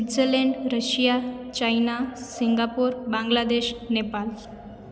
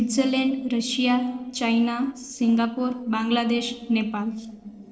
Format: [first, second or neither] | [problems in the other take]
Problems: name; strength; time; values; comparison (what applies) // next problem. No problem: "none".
first | noise reduction (neural separator model SepFormer DNS4)